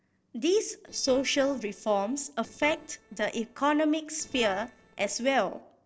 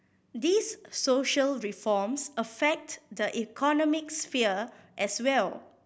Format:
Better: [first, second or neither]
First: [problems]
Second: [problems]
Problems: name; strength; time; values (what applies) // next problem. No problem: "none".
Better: second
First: noise reduction (neural separator model SepFormer DNS4)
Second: none